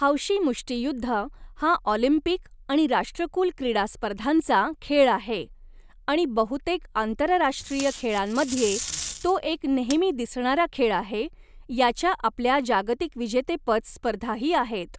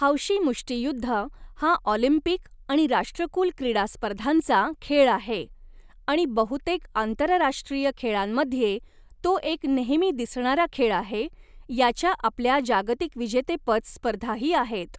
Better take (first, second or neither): second